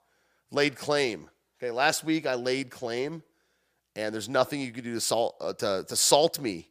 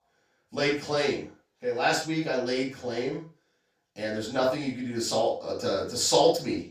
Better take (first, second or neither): first